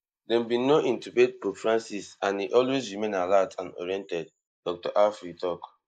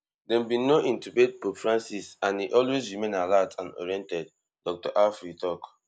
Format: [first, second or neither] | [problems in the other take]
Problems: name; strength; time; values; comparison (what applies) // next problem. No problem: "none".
second | noise reduction (neural mask model Resemble Enhance denoiser)